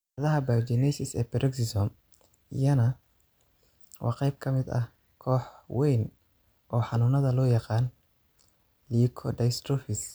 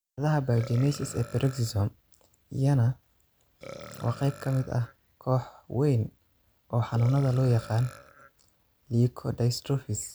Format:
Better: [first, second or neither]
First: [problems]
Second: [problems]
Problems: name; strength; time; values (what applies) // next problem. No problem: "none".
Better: first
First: none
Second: background sound (Burping, eructation); 20 dB below the speech